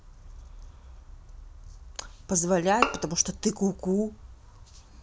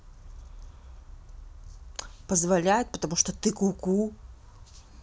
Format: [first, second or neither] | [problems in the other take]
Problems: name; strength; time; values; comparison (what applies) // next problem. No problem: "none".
second | background sound (Bowed string instrument); 3 dB below the speech